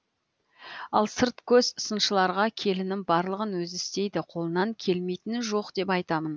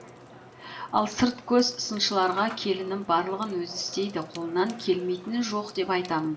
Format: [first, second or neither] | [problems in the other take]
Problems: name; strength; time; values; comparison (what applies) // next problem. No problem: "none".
first | background sound (Sink (filling or washing) / Water tap, faucet / Water); 18 dB below the speech // room echo; dies away in 0.5 s